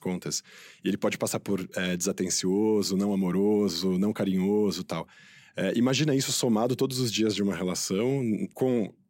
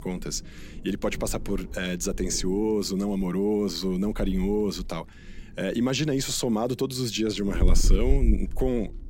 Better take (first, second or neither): first